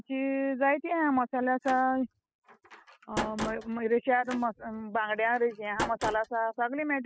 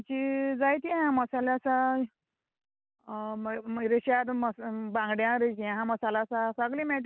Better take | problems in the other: second | noise reduction (classical method spectral subtraction)

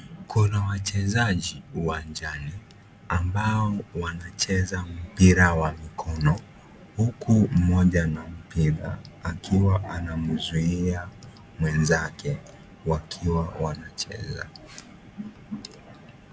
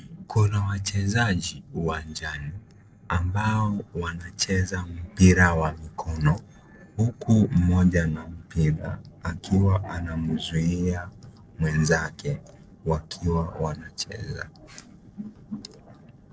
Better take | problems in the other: first | noise reduction (neural separator model SepFormer DNS4)

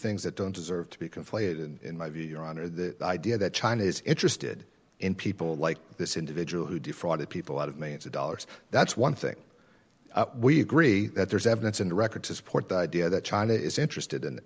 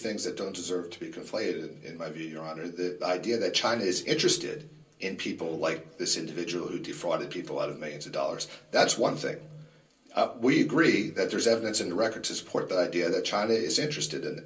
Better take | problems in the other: first | room echo; dies away in 0.3 s

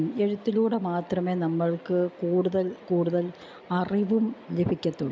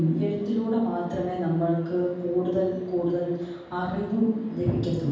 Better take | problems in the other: first | room echo; dies away in 1.2 s

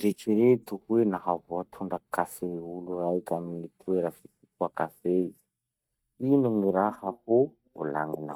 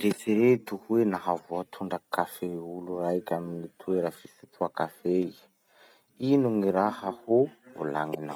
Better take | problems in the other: second | noise reduction (neural mask model DeepFilterNet 3)

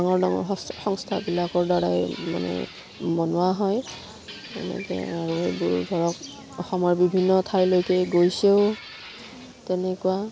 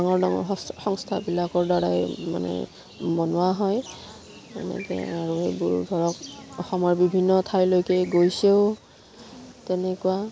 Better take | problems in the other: second | background sound (Glass); 20 dB below the speech

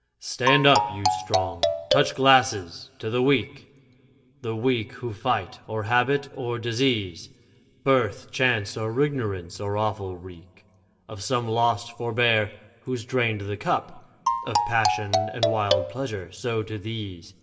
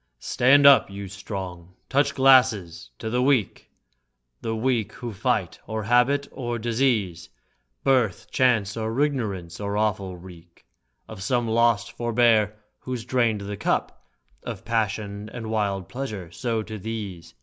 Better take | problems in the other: second | background sound (Marimba, xylophone); 1 dB above the speech // room echo; dies away in 0.7 s

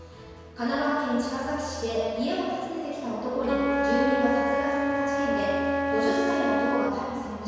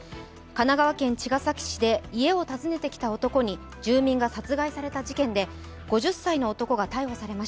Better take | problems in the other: second | background sound (Wind instrument, woodwind instrument); as loud as the speech // room echo; dies away in 1.9 s

